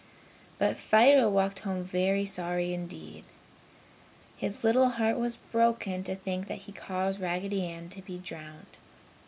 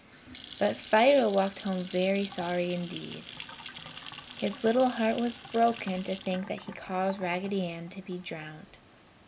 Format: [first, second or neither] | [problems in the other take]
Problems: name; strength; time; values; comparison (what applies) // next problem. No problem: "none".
first | background sound (Sink (filling or washing) / Water tap, faucet / Splash, splatter); 17 dB below the speech